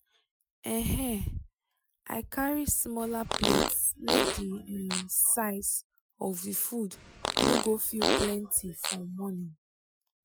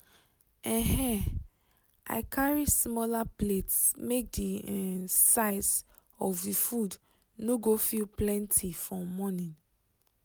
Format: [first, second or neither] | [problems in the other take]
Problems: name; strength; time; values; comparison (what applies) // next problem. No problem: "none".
second | noise reduction (classical method Wiener filter)